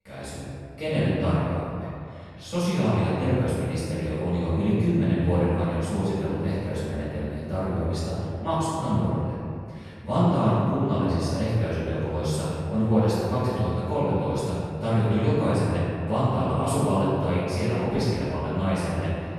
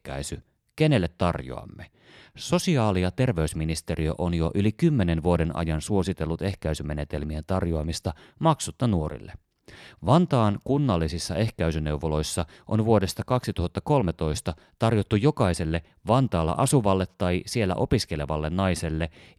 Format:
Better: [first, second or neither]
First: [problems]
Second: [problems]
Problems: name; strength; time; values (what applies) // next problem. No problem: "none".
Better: second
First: room echo; strong; dies away in 2.2 s // off-mic speech; far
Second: none